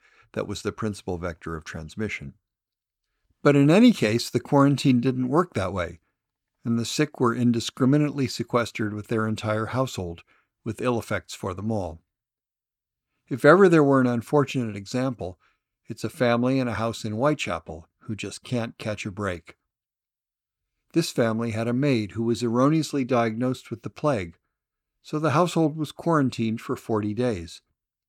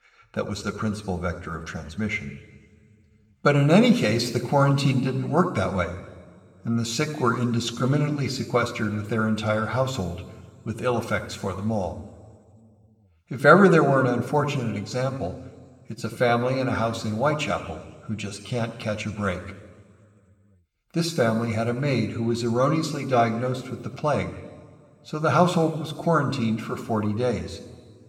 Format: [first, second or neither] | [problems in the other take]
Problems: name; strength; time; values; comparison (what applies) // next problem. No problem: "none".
first | room echo; slight; dies away in 1.8 s